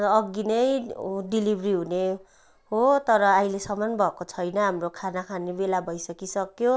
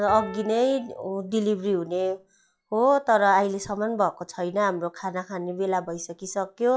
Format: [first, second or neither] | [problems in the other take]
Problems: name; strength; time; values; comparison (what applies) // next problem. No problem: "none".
first | noise reduction (classical method log-MMSE)